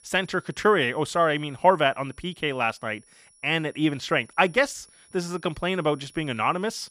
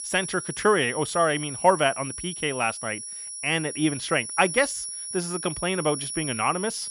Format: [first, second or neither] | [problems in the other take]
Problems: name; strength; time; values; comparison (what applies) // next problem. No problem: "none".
first | high-pitched whine; loud; throughout; 10 kHz, 7 dB below the speech; faint in the first